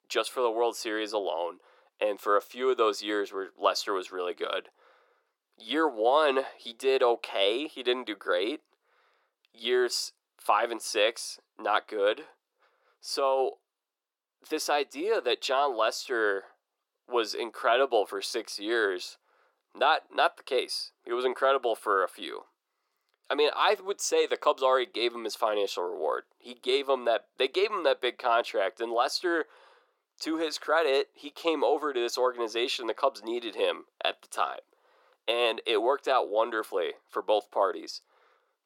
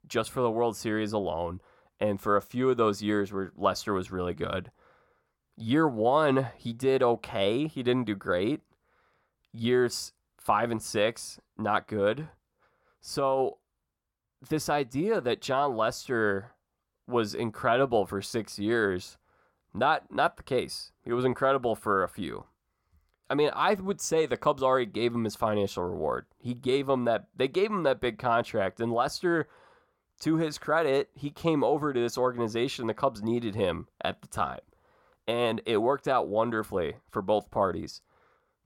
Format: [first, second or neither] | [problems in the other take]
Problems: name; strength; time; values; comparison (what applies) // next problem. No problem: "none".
second | thin; somewhat; fading below 350 Hz